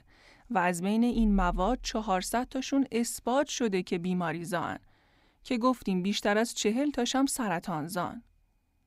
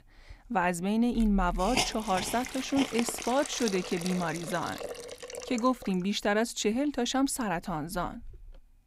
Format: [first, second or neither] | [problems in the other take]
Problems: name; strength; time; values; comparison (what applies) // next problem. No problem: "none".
first | hiss; loud; throughout; 7 dB below the speech